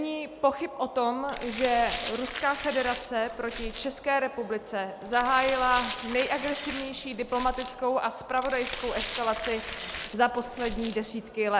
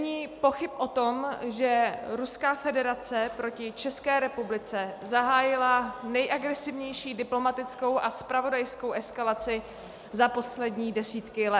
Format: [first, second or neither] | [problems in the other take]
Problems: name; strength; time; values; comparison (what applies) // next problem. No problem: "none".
second | background sound (Glass); 10 dB below the speech